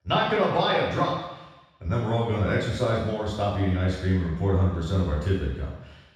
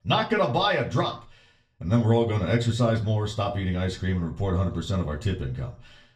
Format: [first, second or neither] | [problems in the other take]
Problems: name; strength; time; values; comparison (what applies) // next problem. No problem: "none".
second | room echo; strong; dies away in 1.1 s; slight in the second // off-mic speech; far; far in the second